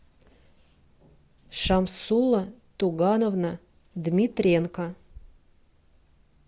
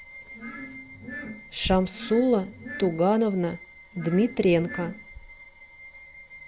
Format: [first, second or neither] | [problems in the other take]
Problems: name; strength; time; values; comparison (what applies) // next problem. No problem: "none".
first | background sound (Glass + Bowed string instrument); 15 dB below the speech